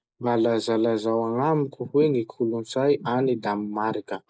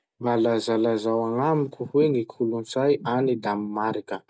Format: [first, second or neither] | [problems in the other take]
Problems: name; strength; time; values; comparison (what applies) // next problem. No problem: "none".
second | noise reduction (neural mask model Resemble Enhance denoiser)